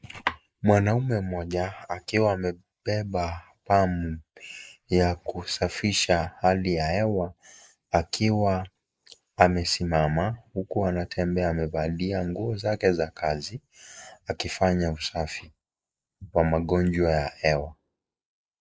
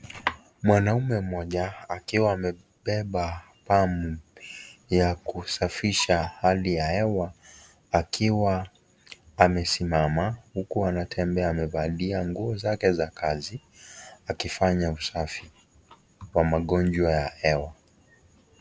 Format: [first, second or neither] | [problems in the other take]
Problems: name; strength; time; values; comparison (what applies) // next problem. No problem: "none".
second | noise reduction (neural mask model Resemble Enhance denoiser)